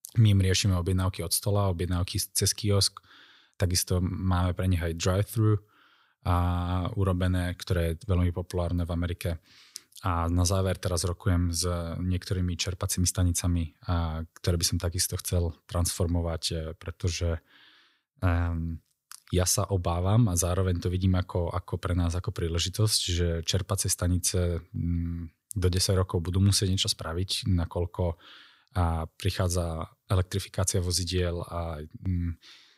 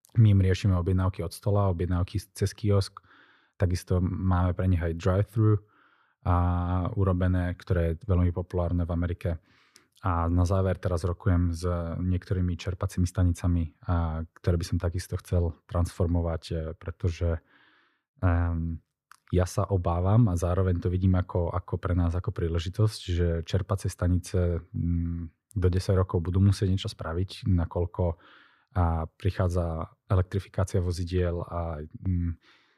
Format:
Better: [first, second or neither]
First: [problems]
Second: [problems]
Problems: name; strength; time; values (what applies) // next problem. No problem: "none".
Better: first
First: none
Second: muffled; very; fading above 2.5 kHz